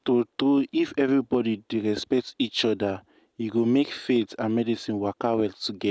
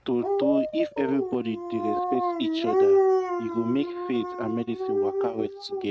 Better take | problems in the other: first | noise reduction (neural mask model RNNoise)

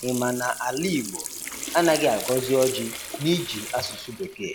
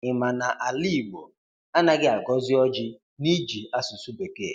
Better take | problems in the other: second | background sound (Sink (filling or washing) + Trickle, dribble / Sink (filling or washing) / Water tap, faucet); 10 dB below the speech

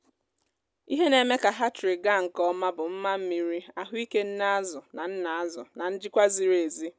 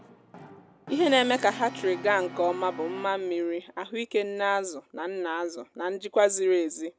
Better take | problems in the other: first | background sound (Brass instrument); 18 dB below the speech

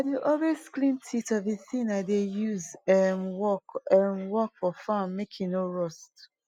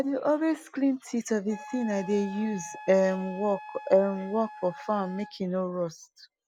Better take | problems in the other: first | background sound (Wind instrument, woodwind instrument); 17 dB below the speech

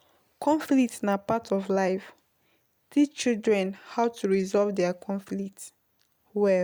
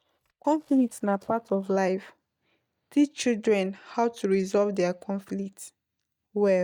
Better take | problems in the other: first | noise reduction (neural mask model DeepFilterNet 3)

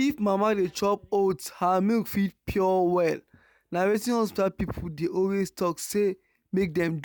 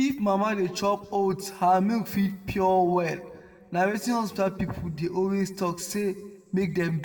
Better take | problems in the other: first | room echo; dies away in 1.1 s

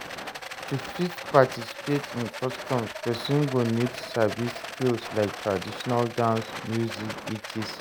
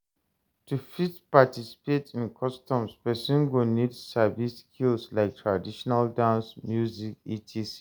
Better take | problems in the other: second | background sound (Rattle); 9 dB below the speech

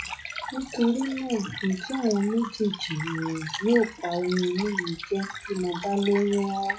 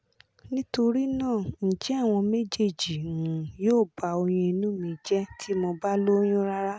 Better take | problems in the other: second | noise reduction (classical method WPE with log-MMSE)

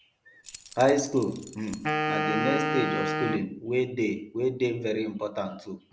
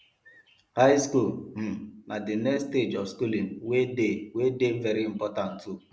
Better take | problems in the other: second | background sound (Keys jangling + Wind instrument, woodwind instrument); 2 dB below the speech

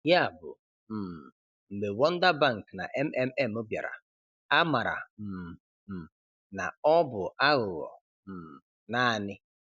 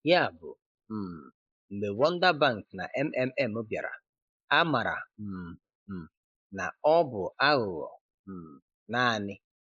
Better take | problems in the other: first | noise reduction (neural mask model Resemble Enhance denoiser)

